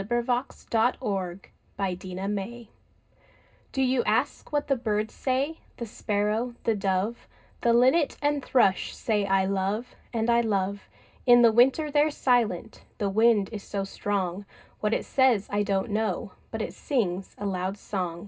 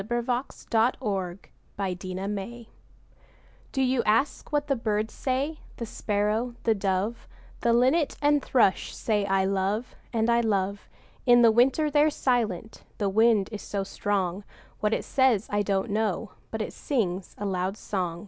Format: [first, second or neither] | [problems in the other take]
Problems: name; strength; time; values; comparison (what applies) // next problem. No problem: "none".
second | room echo; dies away in 0.2 s